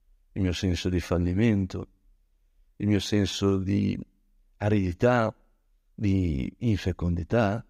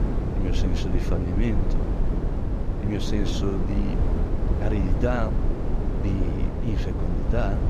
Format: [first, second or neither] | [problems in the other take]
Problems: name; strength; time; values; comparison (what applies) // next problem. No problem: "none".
first | low rumble; loud; throughout; 2 dB below the speech